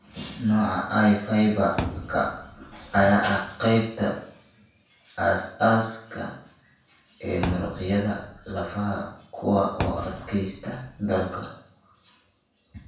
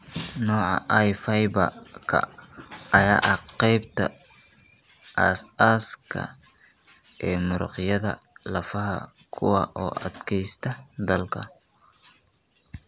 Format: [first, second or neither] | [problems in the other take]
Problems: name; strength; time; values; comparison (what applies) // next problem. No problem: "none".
second | background sound (Thump, thud); 9 dB below the speech // room echo; dies away in 0.6 s